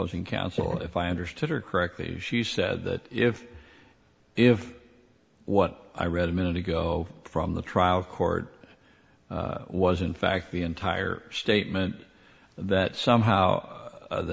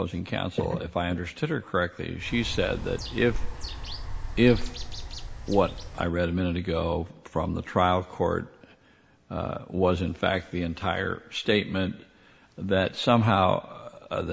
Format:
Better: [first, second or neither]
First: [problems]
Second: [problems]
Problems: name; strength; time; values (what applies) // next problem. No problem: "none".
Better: first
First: none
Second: background sound (Bird); 6 dB below the speech